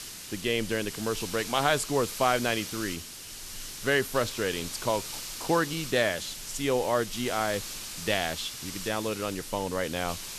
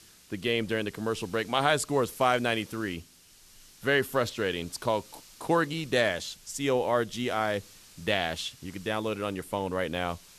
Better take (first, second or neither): second